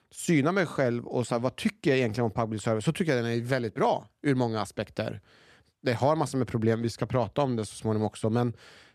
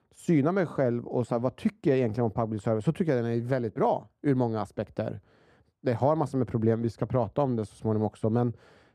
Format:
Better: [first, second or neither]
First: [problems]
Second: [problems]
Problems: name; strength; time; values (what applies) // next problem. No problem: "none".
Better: first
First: none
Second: muffled; slightly; fading above 1.5 kHz